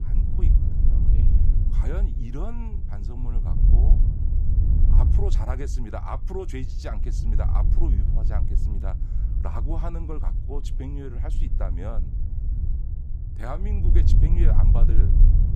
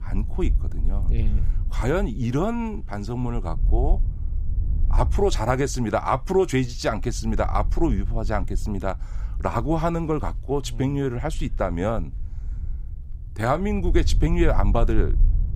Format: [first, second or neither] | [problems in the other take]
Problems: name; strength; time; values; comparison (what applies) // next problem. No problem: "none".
second | low rumble; loud; throughout; 3 dB below the speech; faint in the second